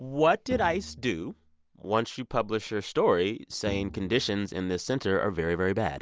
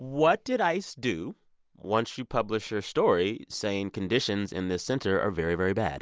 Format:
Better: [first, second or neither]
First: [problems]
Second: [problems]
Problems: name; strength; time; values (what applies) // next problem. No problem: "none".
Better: second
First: background sound (Bowed string instrument); 15 dB below the speech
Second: none